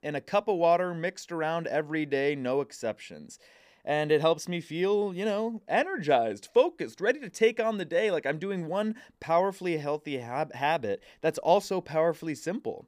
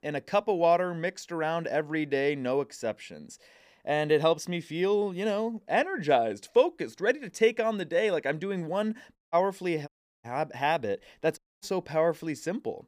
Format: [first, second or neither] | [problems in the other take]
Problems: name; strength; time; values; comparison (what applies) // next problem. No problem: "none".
first | audio cutting out; at 9 s, at 10 s and at 11 s